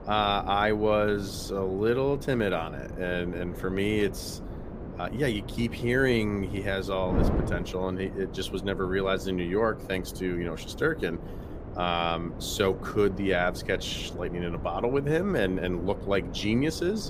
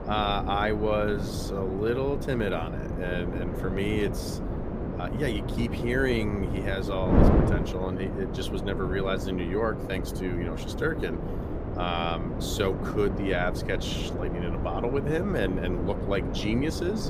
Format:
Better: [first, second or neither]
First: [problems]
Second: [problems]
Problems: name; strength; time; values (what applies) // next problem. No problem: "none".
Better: first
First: wind noise on the microphone; occasional gusts; 15 dB below the speech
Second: wind noise on the microphone; heavy; 5 dB below the speech